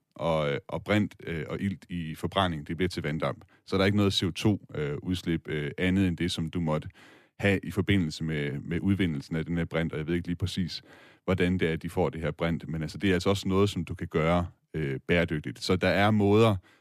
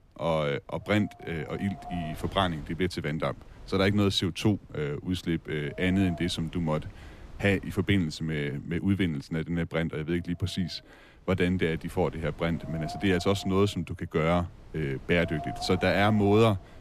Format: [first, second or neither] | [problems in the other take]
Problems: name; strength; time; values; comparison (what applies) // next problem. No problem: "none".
first | wind noise on the microphone; occasional gusts; 15 dB below the speech